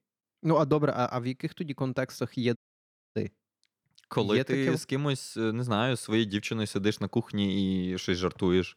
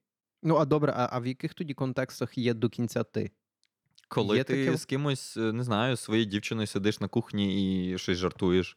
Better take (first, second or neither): second